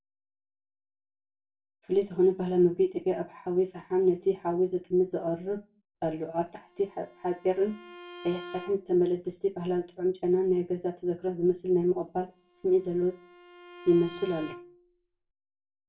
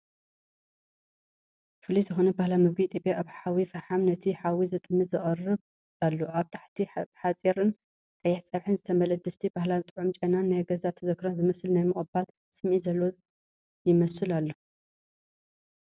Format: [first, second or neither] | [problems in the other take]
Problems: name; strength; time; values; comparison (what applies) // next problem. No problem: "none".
second | background sound (Bowed string instrument); 19 dB below the speech // room echo; dies away in 0.2 s